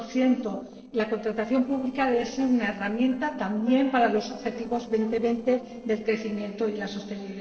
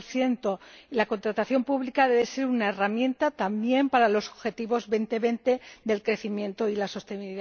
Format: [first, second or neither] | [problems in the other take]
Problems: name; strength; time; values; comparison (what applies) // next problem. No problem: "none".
second | noise reduction (neural separator model SepFormer DNS4)